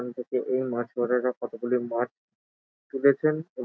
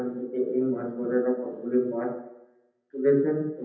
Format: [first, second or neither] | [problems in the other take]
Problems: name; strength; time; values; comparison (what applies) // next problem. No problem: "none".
first | room echo; dies away in 0.9 s